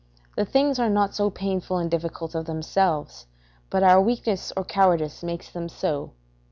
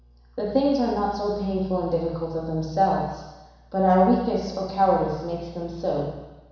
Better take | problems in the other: first | room echo; dies away in 1.1 s

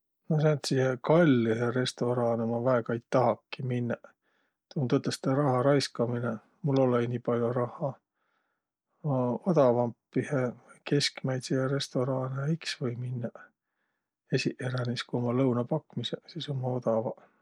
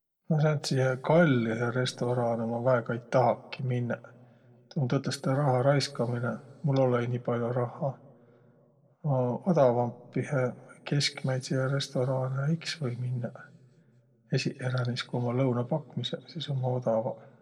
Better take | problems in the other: first | room echo; dies away in 1.8 s

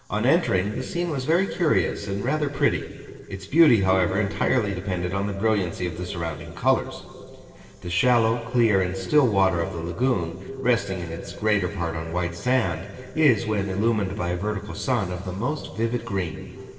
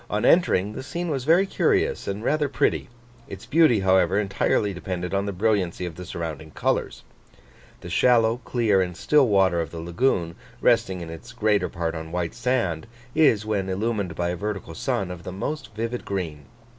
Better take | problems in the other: second | noise reduction (neural separator model SepFormer DNS4)

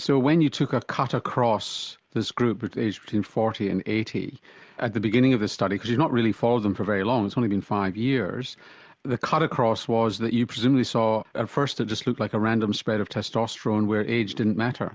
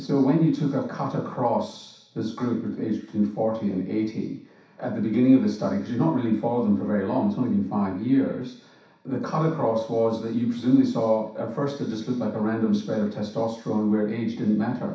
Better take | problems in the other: first | room echo; dies away in 0.7 s

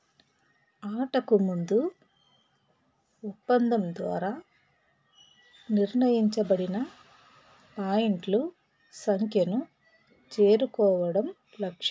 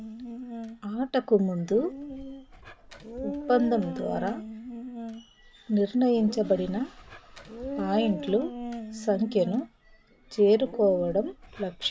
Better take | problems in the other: first | background sound (Dog); 11 dB below the speech

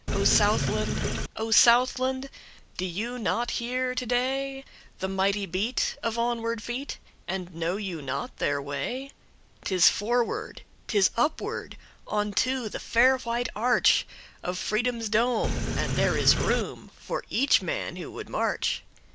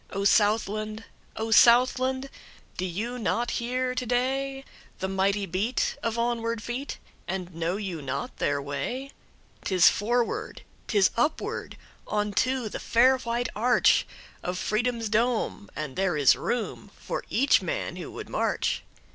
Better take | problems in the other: second | background sound (Sink (filling or washing)); as loud as the speech

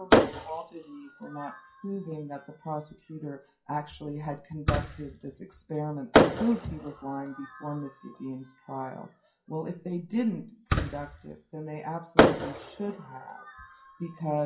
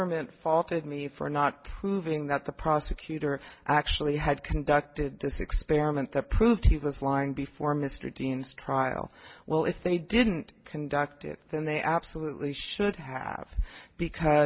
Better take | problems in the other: second | noise reduction (classical method WPE with log-MMSE)

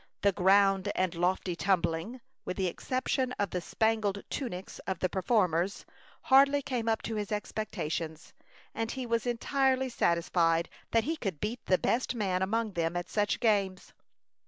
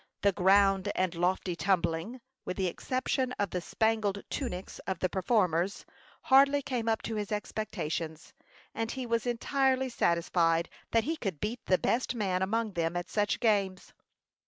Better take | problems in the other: first | noise reduction (neural mask model RNNoise)

